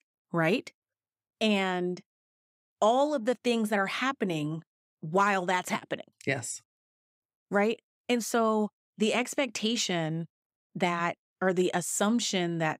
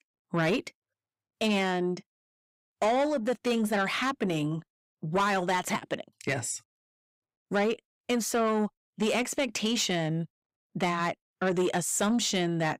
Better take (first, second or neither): first